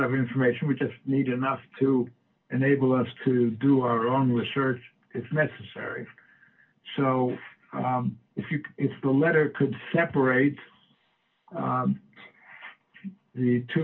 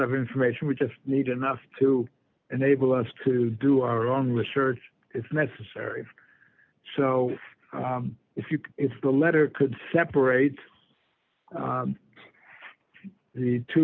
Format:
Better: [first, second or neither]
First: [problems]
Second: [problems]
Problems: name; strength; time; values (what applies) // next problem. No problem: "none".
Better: second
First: room echo; dies away in 0.1 s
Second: none